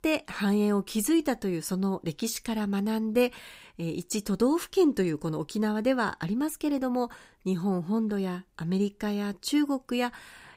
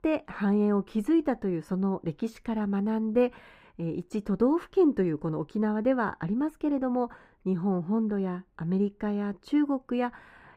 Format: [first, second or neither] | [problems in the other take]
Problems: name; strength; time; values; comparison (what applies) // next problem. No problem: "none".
first | muffled; very; fading above 3 kHz